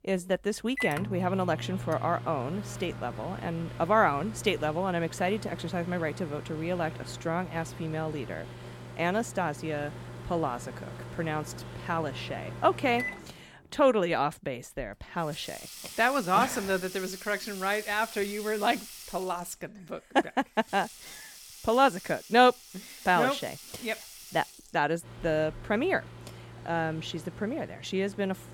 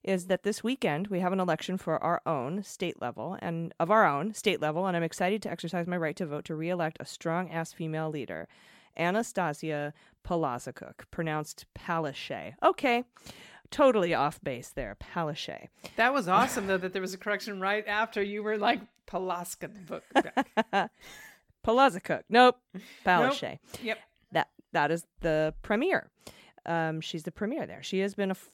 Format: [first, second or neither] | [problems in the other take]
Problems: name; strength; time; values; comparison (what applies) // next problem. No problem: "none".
second | household noises; noticeable; throughout; 10 dB below the speech